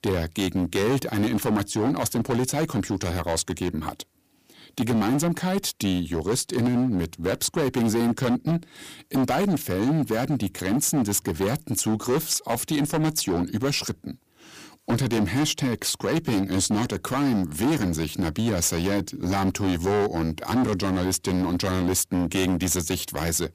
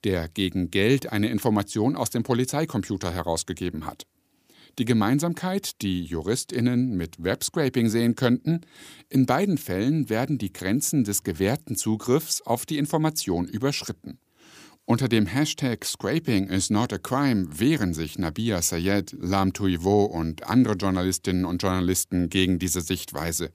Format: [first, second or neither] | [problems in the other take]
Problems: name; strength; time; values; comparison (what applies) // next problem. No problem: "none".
second | distortion; heavy; 14% of the sound clipped